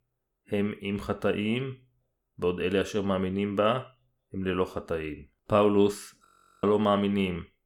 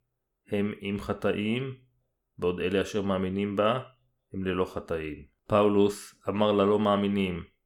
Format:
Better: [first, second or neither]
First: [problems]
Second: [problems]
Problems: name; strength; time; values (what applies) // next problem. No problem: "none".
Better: second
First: audio freezing; at 6.5 s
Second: none